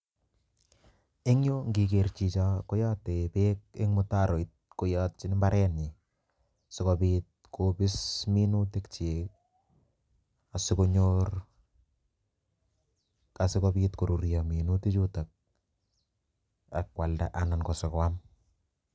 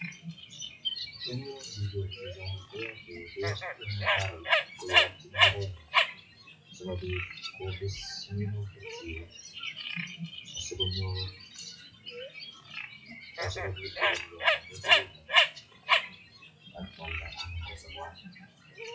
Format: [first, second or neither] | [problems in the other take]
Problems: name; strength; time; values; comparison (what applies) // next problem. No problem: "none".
first | noise reduction (classical method WPE with log-MMSE)